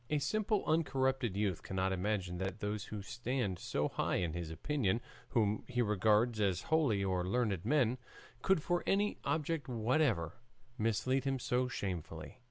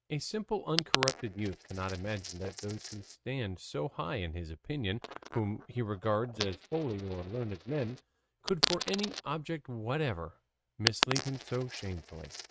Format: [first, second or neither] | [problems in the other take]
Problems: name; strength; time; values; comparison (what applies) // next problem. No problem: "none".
first | noise reduction (neural mask model RNNoise)